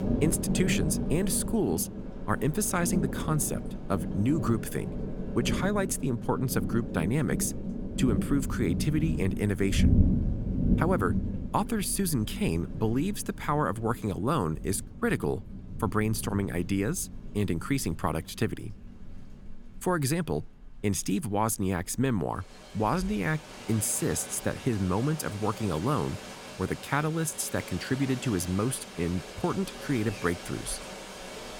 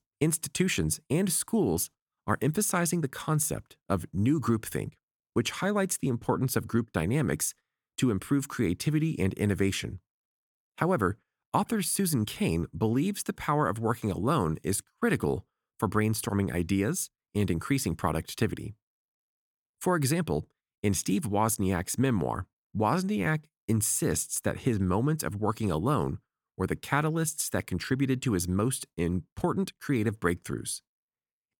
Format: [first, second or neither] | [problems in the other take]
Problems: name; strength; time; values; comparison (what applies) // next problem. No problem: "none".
second | rain or running water; loud; throughout; 5 dB below the speech